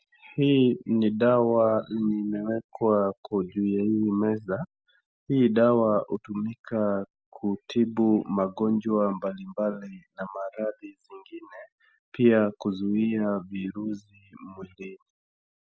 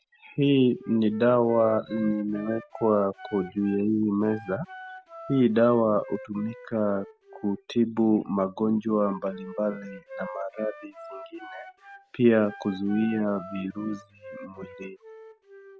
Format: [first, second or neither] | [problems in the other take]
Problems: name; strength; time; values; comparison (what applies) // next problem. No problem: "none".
first | background sound (Wind instrument, woodwind instrument); 18 dB below the speech